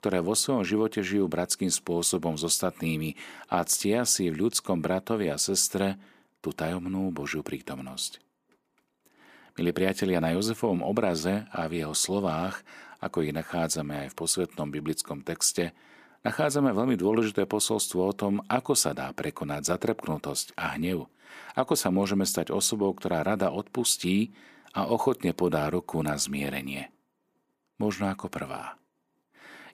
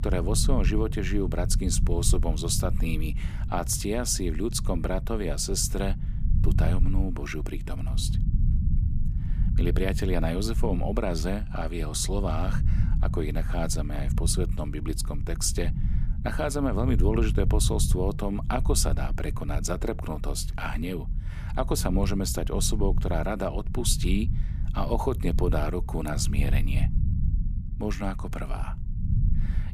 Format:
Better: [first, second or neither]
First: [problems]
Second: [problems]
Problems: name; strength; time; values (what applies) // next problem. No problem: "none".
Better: first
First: none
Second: low rumble; noticeable; throughout; 15 dB below the speech